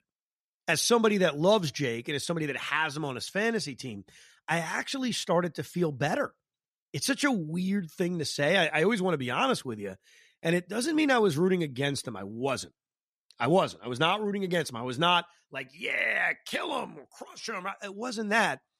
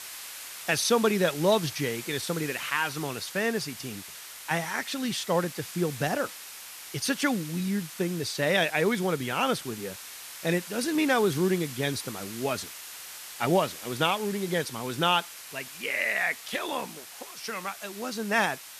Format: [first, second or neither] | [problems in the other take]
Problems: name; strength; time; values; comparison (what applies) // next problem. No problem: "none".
first | hiss; noticeable; throughout; 10 dB below the speech